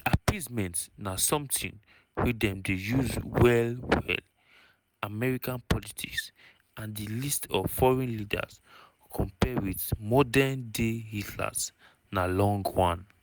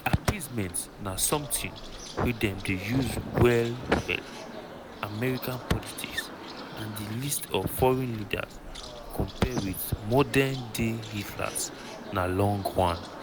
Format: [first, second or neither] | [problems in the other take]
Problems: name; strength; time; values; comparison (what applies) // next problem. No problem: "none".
first | background sound (Bird); 12 dB below the speech